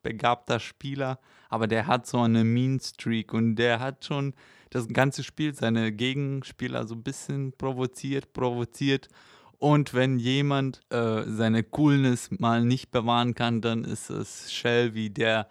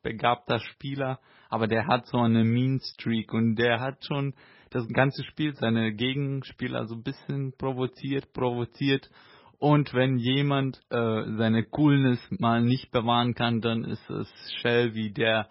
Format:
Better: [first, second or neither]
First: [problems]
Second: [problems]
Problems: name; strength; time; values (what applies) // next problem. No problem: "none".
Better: first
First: none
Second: garbled, watery; badly; nothing above 5.5 kHz